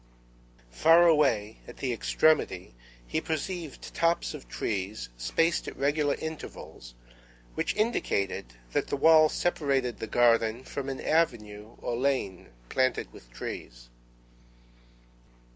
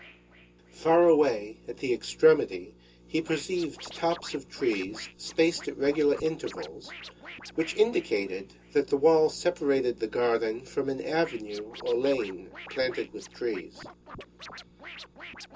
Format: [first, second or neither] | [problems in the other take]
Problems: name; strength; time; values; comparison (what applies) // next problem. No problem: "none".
first | background sound (Scratching (performance technique)); 20 dB below the speech // room echo; dies away in 0.2 s